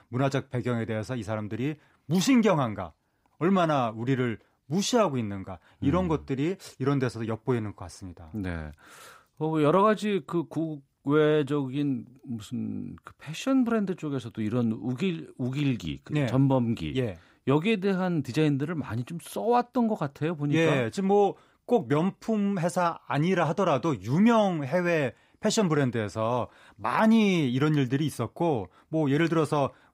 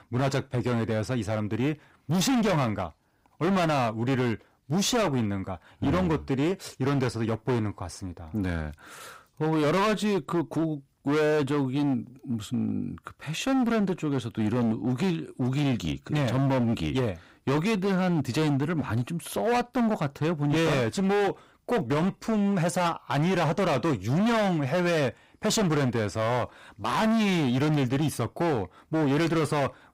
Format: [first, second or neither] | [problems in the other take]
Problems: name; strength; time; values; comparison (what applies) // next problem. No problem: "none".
first | distortion; heavy; 23% of the sound clipped